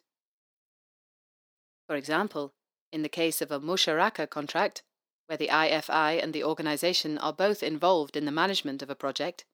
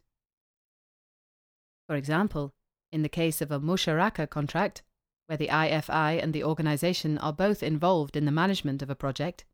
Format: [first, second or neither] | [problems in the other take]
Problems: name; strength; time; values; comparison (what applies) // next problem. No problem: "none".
second | thin; somewhat; fading below 300 Hz